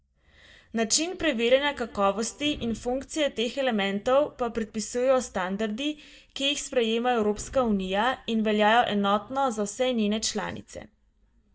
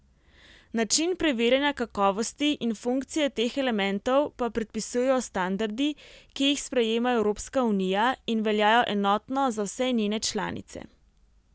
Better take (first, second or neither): second